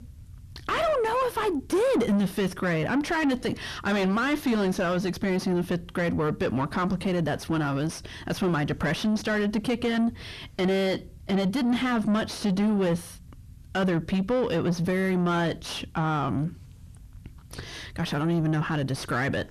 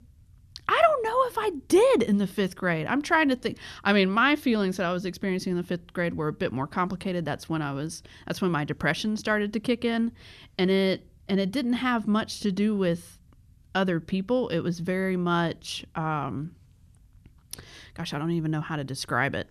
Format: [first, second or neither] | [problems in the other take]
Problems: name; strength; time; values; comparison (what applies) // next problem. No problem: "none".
second | distortion; heavy; 5 dB below the speech